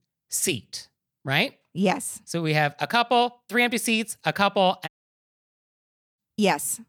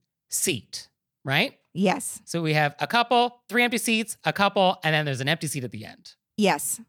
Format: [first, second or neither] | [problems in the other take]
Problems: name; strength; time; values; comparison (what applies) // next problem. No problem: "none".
second | audio cutting out; at 5 s for 1.5 s